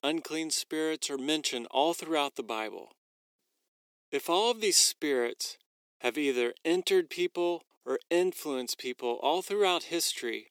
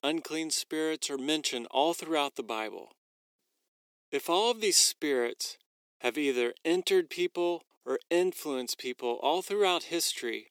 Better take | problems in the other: neither | thin; somewhat; fading below 350 Hz; the same in both

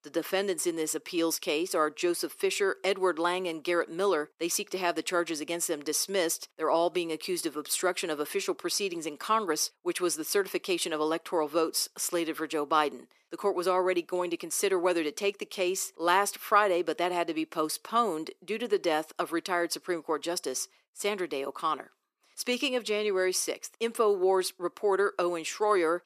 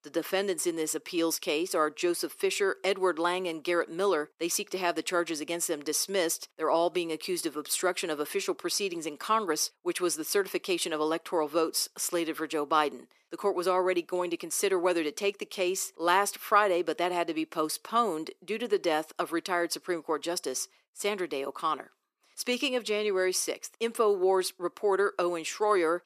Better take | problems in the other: neither | thin; very; fading below 350 Hz; the same in both

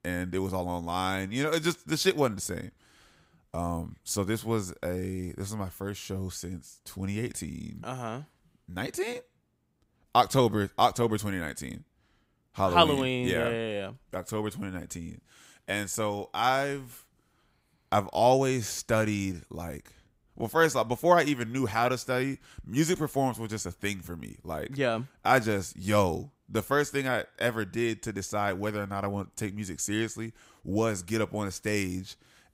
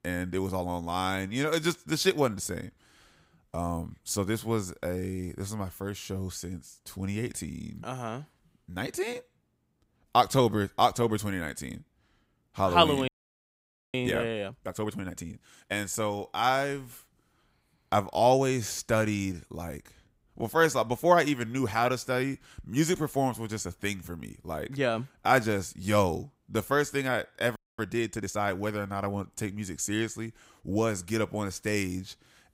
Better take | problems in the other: first | audio freezing; at 13 s for 1 s and at 28 s

